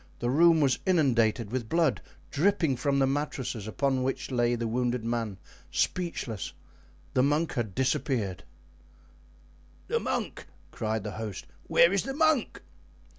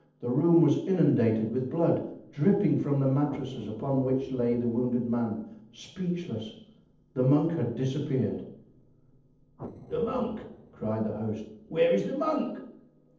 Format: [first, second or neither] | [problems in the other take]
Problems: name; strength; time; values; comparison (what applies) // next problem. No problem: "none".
first | noise reduction (neural separator model SepFormer DNS4)